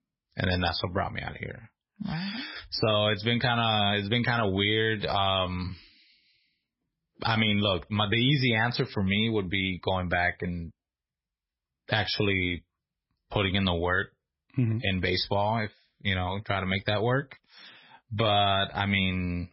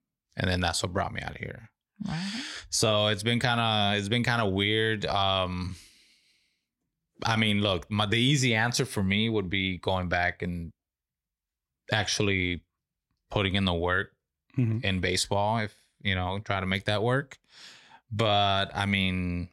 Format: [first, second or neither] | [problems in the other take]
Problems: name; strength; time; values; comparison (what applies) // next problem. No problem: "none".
second | garbled, watery; badly; nothing above 5.5 kHz